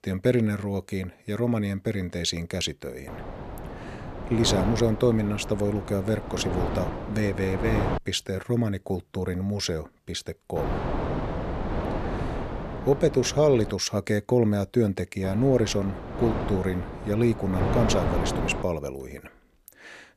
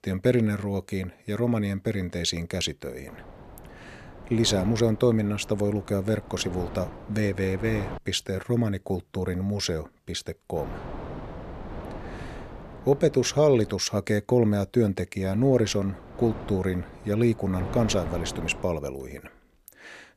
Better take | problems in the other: second | wind noise on the microphone; heavy; from 3 to 8 s, from 11 to 14 s and from 15 to 19 s; 5 dB below the speech; occasional gusts in the second

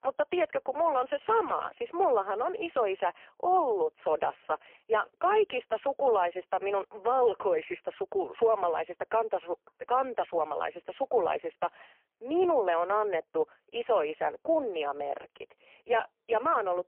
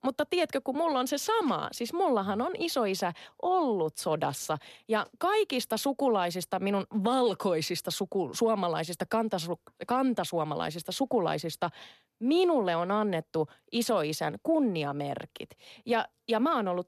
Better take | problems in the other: second | phone-call audio; poor line; nothing above 3 kHz

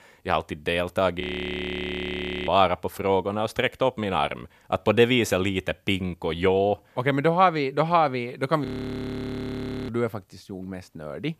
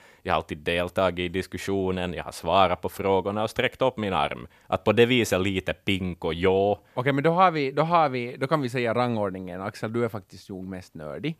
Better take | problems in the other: second | audio freezing; at 1 s for 1.5 s and at 8.5 s for 1 s

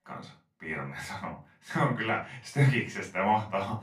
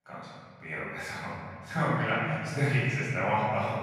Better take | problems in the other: first | room echo; strong; dies away in 2.2 s; slight in the first // off-mic speech; far; far in the first

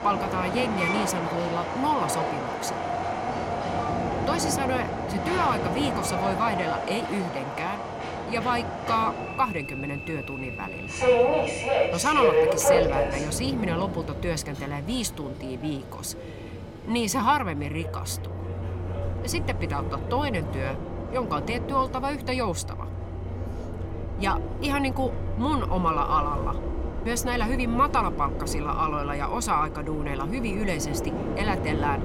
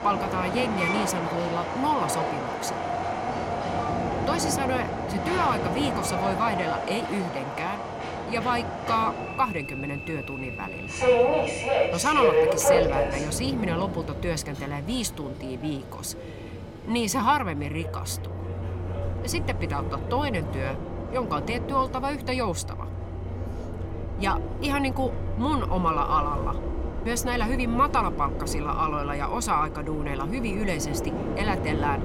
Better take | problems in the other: neither | train or aircraft noise; loud; throughout; 1 dB below the speech; the same in both

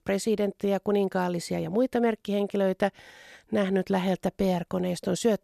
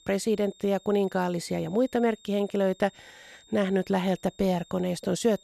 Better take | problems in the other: first | high-pitched whine; faint; throughout; 3.5 kHz, 25 dB below the speech

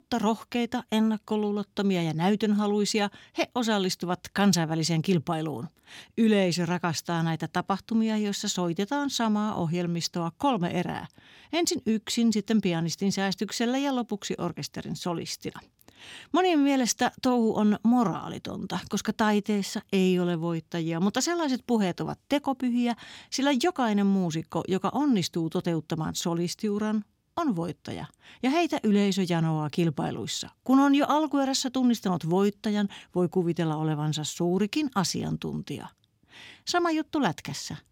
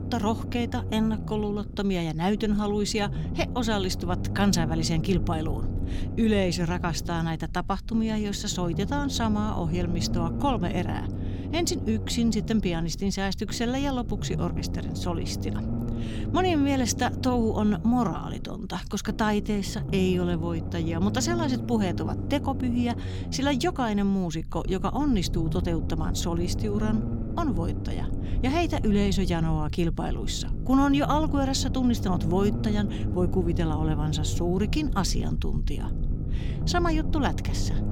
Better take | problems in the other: first | low rumble; noticeable; throughout; 10 dB below the speech

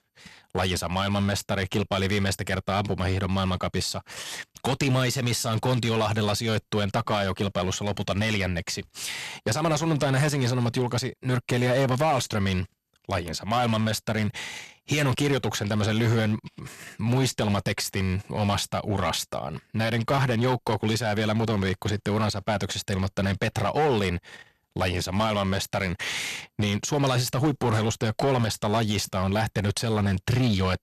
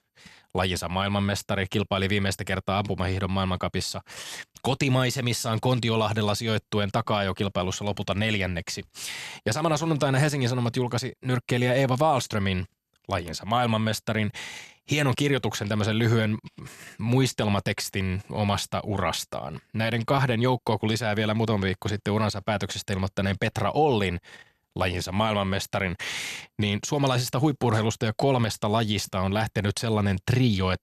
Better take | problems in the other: second | distortion; slight; 7% of the sound clipped

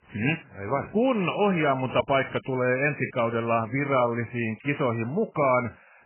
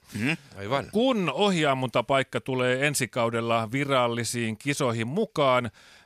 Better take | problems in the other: second | garbled, watery; badly; nothing above 3 kHz

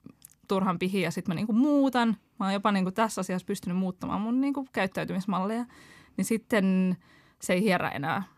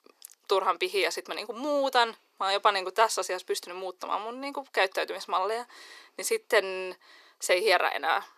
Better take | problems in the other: first | thin; very; fading below 400 Hz

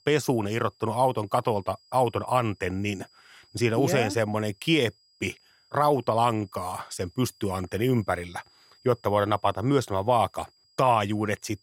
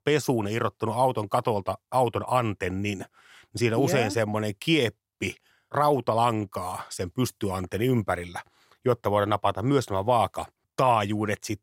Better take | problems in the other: second | high-pitched whine; faint; throughout; 5 kHz, 30 dB below the speech

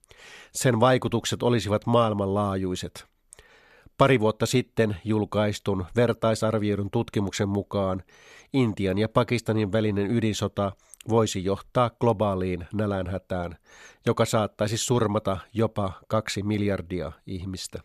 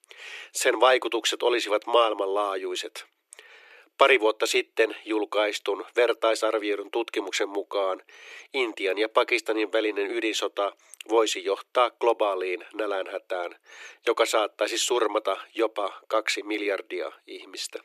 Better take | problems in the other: first | thin; very; fading below 300 Hz

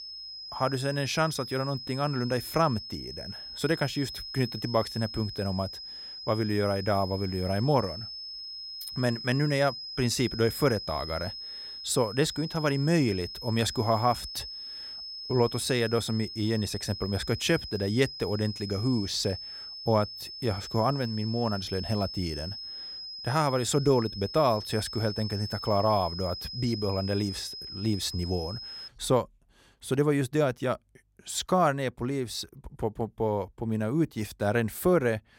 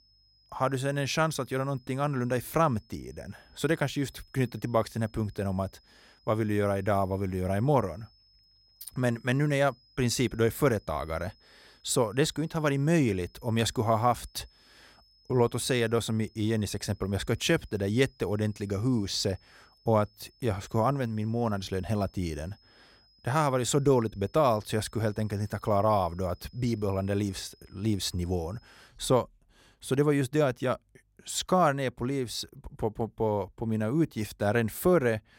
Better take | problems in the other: second | high-pitched whine; loud; until 29 s; 5 kHz, 9 dB below the speech; faint in the second

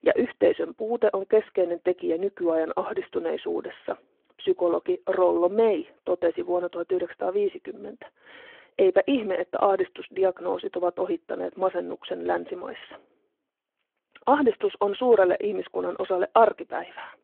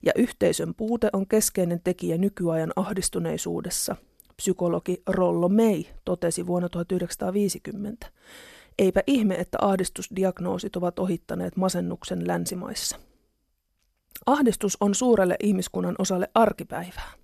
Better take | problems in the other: second | phone-call audio

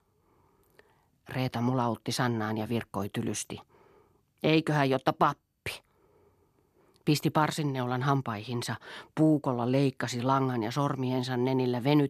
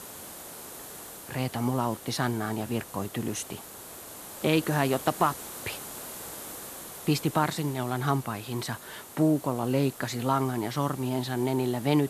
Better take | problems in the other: first | hiss; noticeable; throughout; 10 dB below the speech

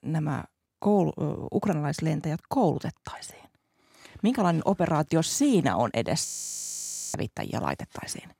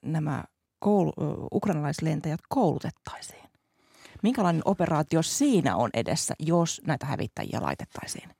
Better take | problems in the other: second | audio freezing; at 6.5 s for 1 s

